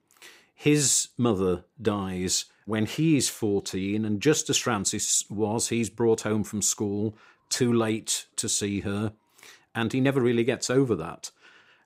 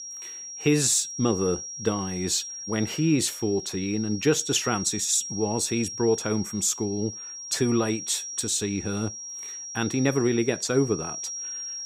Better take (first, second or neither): first